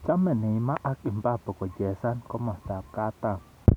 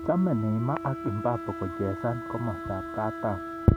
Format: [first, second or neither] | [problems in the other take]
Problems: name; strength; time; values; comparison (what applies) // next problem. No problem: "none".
first | background sound (Wind instrument, woodwind instrument); 9 dB below the speech